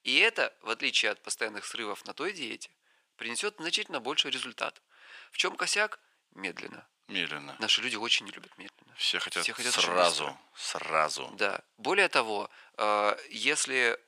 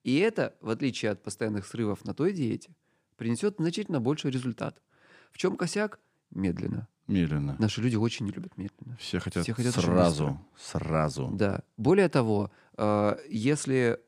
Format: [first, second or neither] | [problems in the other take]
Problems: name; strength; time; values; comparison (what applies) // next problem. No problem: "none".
second | thin; very; fading below 800 Hz